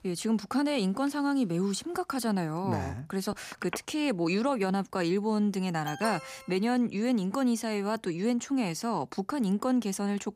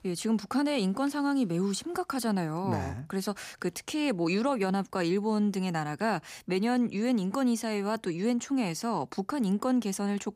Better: second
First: phone ringing; faint; at 3.5 s; peak 10 dB below the speech // alarm; noticeable; at 6 s; peak 7 dB below the speech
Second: none

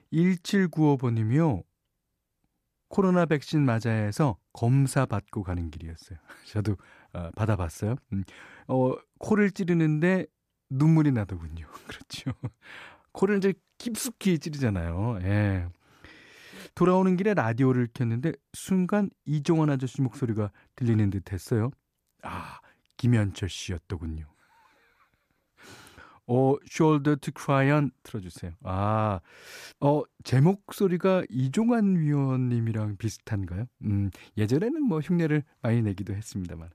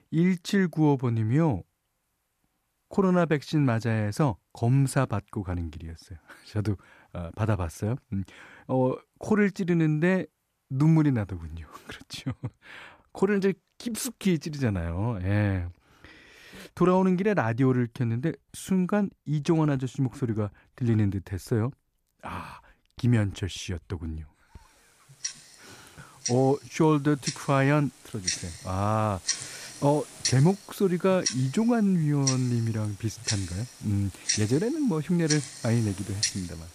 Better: first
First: none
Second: household noises; loud; throughout; 7 dB below the speech

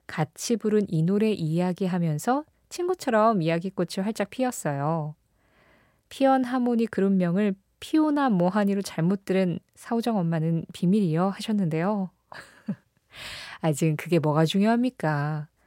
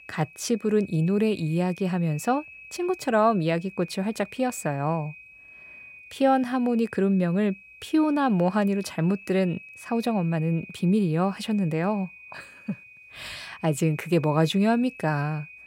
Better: first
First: none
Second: high-pitched whine; noticeable; throughout; 2.5 kHz, 20 dB below the speech

